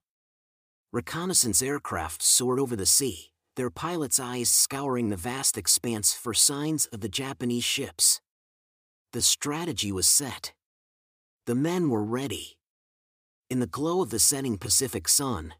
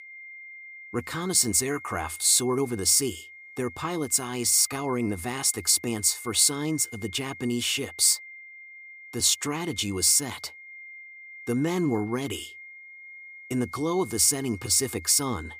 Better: first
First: none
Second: high-pitched whine; noticeable; throughout; 2 kHz, 20 dB below the speech

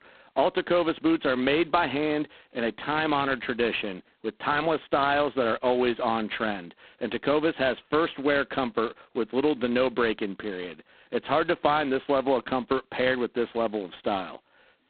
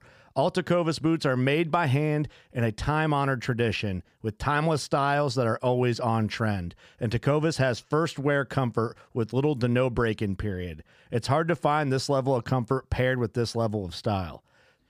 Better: second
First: phone-call audio; poor line; nothing above 4 kHz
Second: none

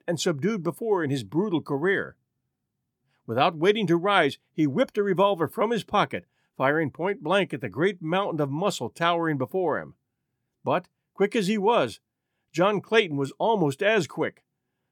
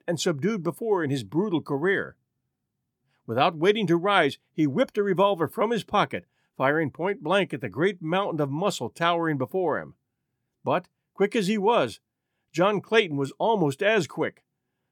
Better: neither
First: none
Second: none

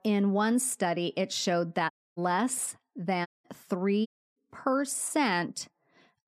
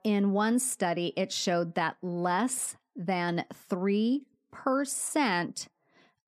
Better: second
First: audio cutting out; at 2 s, at 3.5 s and at 4 s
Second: none

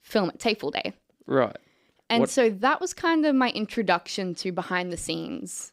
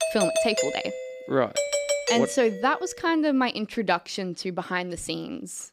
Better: first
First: none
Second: doorbell; loud; until 3 s; peak 2 dB above the speech

